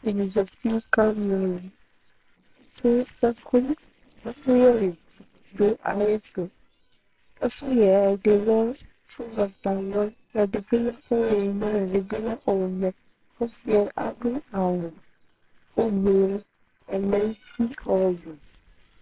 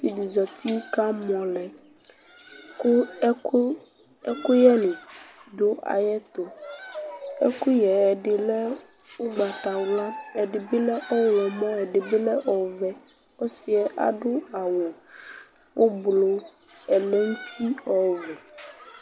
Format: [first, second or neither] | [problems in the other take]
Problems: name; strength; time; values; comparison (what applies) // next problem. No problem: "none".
second | noise reduction (neural separator model SepFormer WHAMR!)